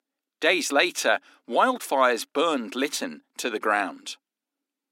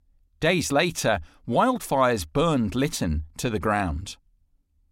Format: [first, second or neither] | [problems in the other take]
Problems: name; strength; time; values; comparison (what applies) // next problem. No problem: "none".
second | thin; somewhat; fading below 250 Hz